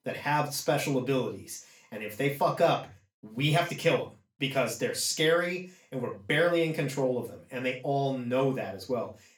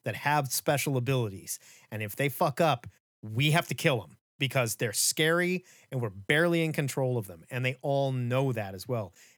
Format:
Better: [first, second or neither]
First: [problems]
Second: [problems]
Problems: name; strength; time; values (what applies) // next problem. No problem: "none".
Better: second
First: room echo; slight; dies away in 0.3 s // off-mic speech; far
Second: none